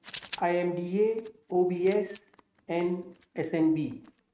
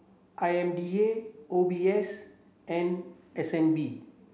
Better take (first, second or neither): second